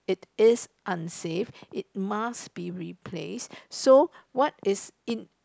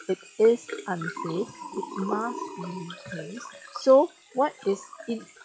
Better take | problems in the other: first | noise reduction (classical method log-MMSE)

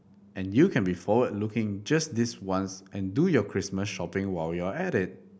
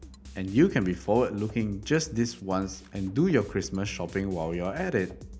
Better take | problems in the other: first | background sound (Drum kit); 18 dB below the speech

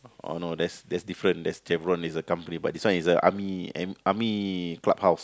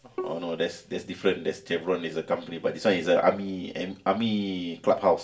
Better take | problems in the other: first | background sound (Bowed string instrument); 16 dB below the speech // room echo; dies away in 0.3 s

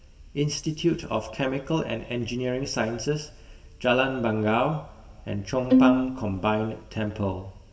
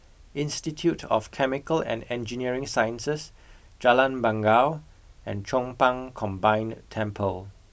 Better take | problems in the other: second | background sound (Bowed string instrument); 5 dB above the speech // room echo; dies away in 1.9 s

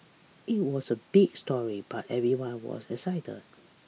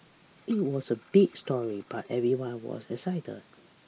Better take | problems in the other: first | noise reduction (neural mask model Resemble Enhance denoiser)

